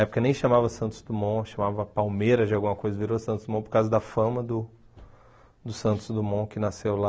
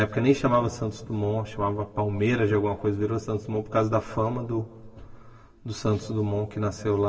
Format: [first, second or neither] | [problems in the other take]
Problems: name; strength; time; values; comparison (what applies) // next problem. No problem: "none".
first | room echo; dies away in 2.3 s